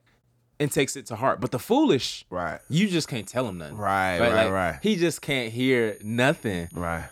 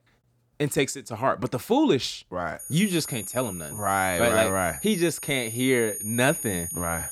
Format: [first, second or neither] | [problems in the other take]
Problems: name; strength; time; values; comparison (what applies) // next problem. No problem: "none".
first | high-pitched whine; loud; from 2.5 s on; 9.5 kHz, 7 dB below the speech; faint in the first